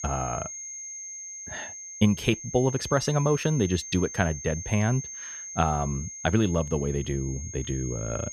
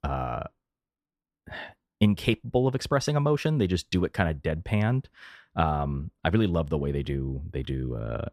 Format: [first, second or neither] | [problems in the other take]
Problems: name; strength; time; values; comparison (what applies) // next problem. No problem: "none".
second | high-pitched whine; loud; throughout; 6.5 kHz, 10 dB below the speech